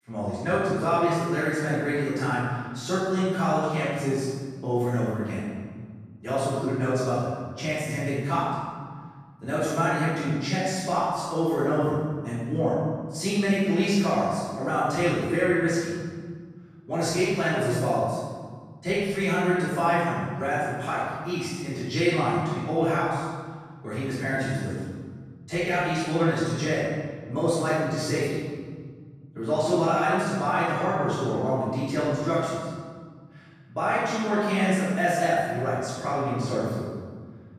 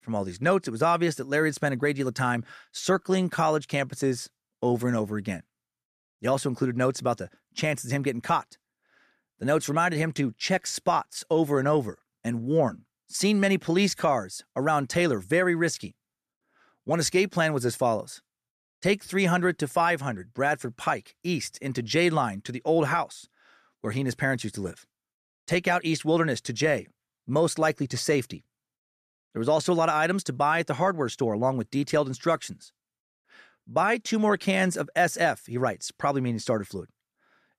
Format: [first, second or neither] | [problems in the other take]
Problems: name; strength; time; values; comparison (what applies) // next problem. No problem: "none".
second | off-mic speech; far // room echo; strong; dies away in 1.7 s